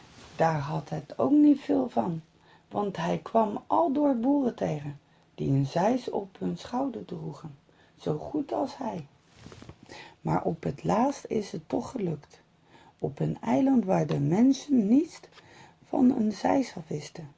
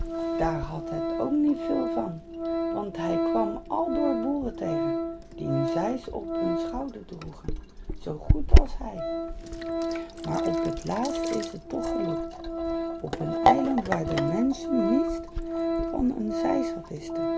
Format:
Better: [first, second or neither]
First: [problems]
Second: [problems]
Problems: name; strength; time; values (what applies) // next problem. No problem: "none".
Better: first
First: none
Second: background sound (Organ + Sink (filling or washing)); 4 dB above the speech